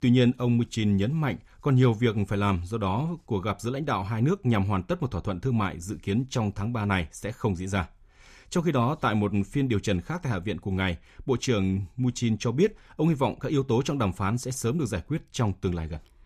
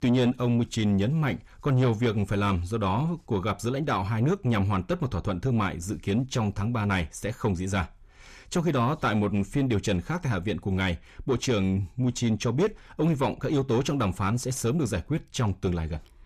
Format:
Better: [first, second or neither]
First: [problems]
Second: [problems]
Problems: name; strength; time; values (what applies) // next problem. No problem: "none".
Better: first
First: none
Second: distortion; slight; 10 dB below the speech